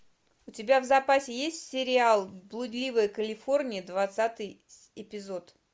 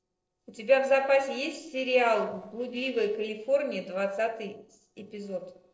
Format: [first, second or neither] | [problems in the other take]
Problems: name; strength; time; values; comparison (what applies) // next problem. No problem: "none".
first | noise reduction (neural separator model SepFormer DNS4)